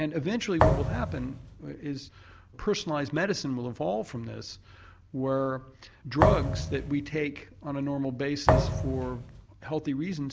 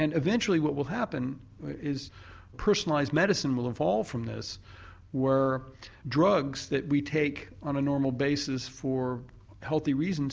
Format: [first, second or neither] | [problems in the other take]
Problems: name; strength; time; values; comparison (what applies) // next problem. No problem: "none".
second | background sound (Thump, thud); 4 dB above the speech